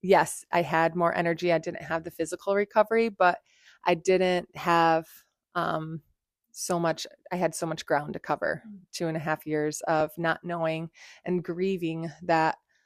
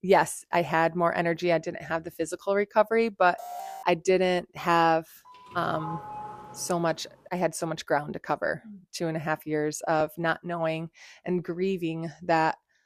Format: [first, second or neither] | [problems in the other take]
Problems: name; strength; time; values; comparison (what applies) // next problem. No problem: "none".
first | alarm; faint; at 3.5 s; peak 10 dB below the speech // doorbell; noticeable; from 5.5 to 7 s; peak 10 dB below the speech